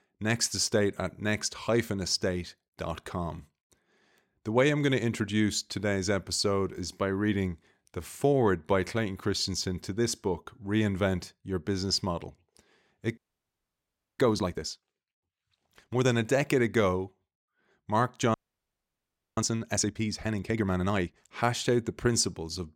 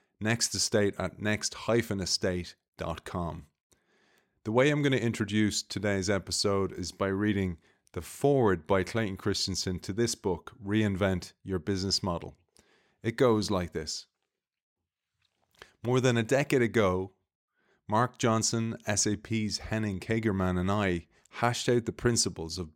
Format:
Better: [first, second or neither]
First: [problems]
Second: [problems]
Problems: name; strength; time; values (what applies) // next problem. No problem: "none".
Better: second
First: audio freezing; at 13 s for 1 s and at 18 s for 1 s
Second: none